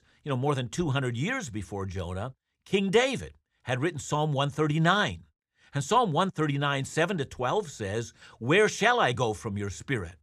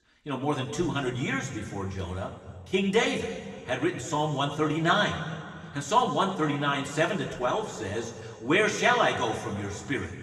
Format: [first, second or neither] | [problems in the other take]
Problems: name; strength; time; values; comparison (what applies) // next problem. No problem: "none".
first | room echo; slight; dies away in 1.9 s // off-mic speech; somewhat distant